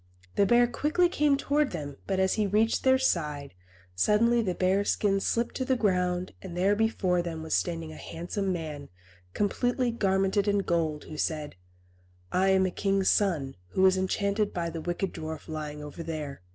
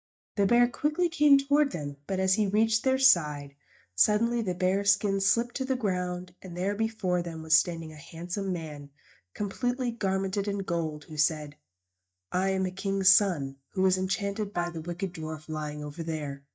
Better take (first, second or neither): first